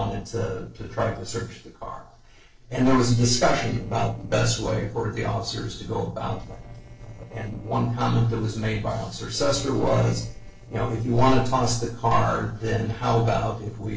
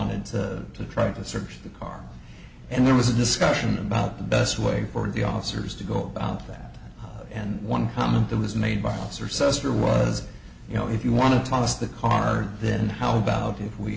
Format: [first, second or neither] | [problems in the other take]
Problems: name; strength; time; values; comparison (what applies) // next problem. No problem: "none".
second | noise reduction (neural separator model SepFormer DNS4)